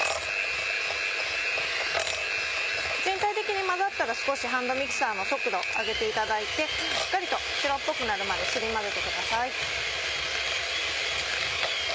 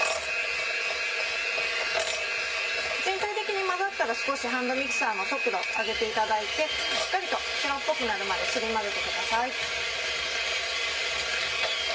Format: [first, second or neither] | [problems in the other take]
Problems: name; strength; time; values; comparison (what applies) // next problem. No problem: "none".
first | room echo; dies away in 0.4 s